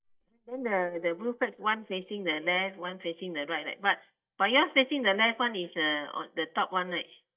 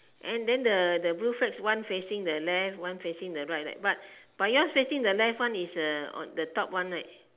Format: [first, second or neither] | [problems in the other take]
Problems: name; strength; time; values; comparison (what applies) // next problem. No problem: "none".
second | noise reduction (neural mask model DeepFilterNet 3)